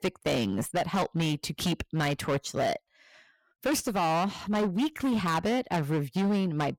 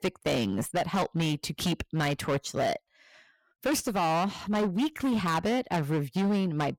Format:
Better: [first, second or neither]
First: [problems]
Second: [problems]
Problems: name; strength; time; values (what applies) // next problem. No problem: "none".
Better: neither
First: distortion; heavy; 16% of the sound clipped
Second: distortion; heavy; 16% of the sound clipped